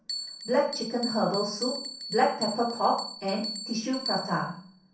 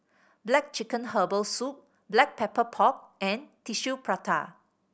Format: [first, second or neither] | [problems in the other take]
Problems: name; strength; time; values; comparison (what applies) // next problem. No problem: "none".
second | background sound (Bell); 8 dB below the speech // room echo; dies away in 0.6 s